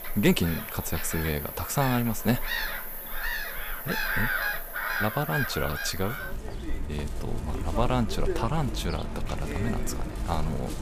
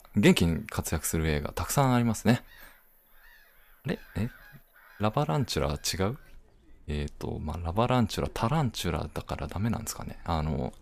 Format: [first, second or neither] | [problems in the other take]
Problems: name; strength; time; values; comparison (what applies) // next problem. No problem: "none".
second | animal sounds; loud; throughout; 2 dB below the speech; faint in the second